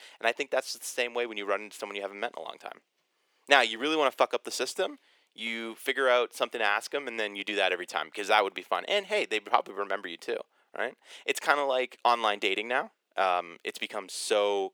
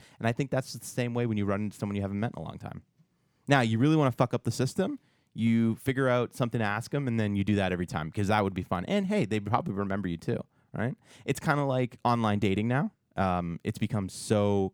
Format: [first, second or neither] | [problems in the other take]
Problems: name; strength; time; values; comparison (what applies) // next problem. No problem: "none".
second | thin; very; fading below 400 Hz